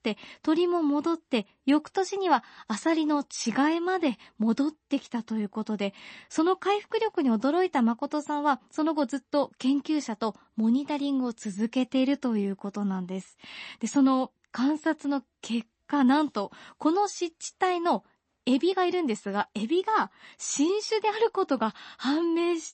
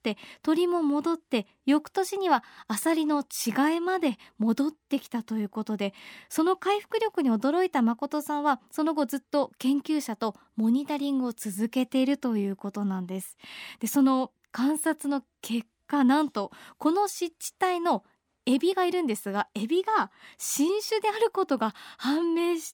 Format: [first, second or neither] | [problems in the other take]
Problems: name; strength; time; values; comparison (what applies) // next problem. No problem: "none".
second | garbled, watery; slightly; nothing above 8 kHz